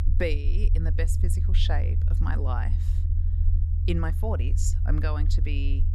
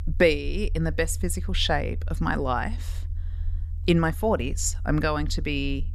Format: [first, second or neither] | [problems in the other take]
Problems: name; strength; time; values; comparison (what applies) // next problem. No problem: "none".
second | low rumble; loud; throughout; 8 dB below the speech; faint in the second